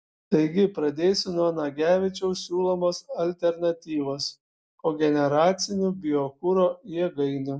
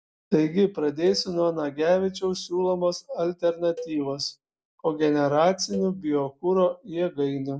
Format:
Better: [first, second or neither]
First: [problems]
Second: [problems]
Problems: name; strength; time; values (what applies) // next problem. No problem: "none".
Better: first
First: none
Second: background sound (Cowbell); 19 dB below the speech